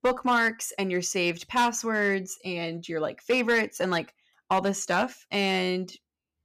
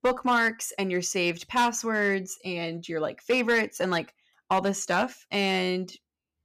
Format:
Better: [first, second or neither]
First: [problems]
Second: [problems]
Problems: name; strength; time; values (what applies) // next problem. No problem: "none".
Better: neither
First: distortion; slight; 4% of the sound clipped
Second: distortion; slight; 4% of the sound clipped